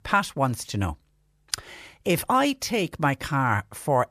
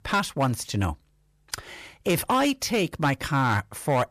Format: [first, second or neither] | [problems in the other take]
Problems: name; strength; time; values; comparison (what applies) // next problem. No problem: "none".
first | distortion; slight; 6% of the sound clipped